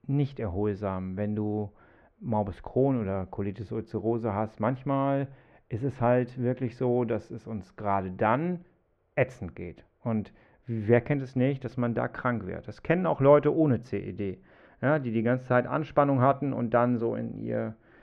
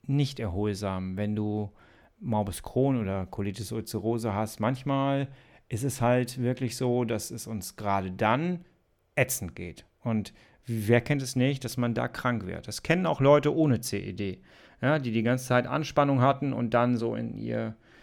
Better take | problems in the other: second | muffled; very; fading above 1.5 kHz

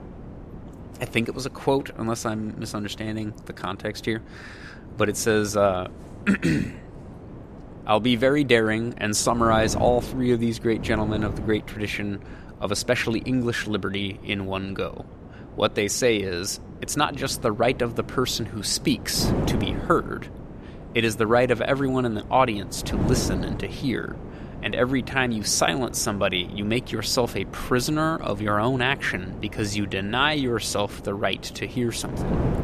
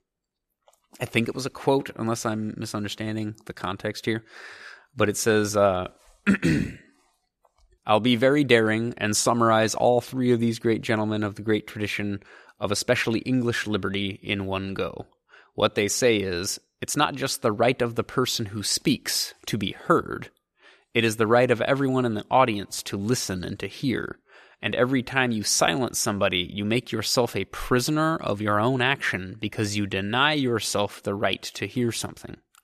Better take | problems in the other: second | wind noise on the microphone; occasional gusts; 15 dB below the speech

